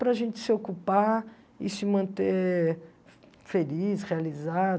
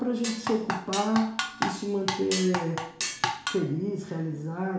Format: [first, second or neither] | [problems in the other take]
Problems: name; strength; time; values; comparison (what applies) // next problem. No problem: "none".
first | background sound (Drum kit); 4 dB below the speech // room echo; dies away in 0.7 s